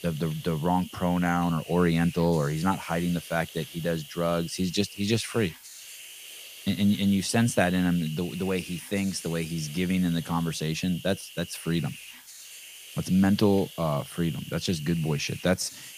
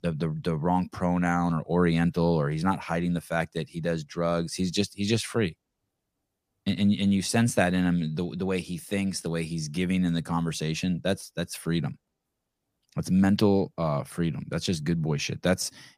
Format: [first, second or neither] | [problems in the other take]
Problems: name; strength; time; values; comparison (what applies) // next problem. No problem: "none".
second | hiss; noticeable; throughout; 15 dB below the speech